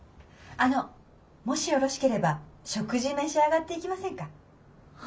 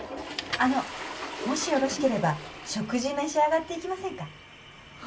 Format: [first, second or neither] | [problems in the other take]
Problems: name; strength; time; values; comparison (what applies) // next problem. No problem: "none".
first | background sound (Toilet flush / Water); 9 dB below the speech